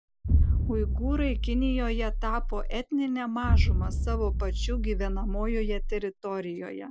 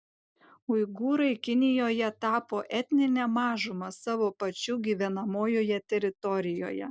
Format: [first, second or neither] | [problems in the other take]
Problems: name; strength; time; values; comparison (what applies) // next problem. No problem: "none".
second | background sound (Explosion); 5 dB above the speech